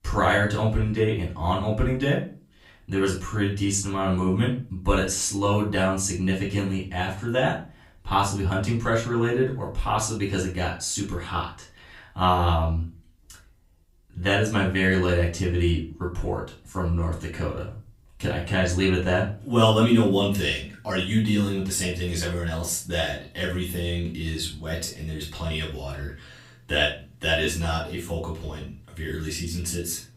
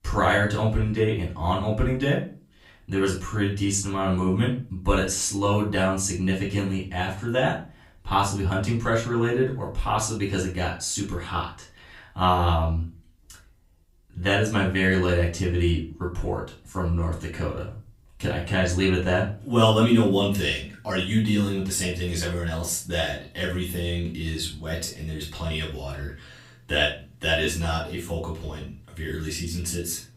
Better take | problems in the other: neither | off-mic speech; far; the same in both // room echo; slight; dies away in 0.3 s; the same in both

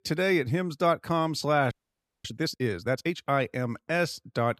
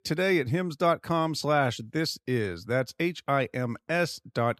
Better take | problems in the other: second | audio freezing; at 1.5 s for 0.5 s

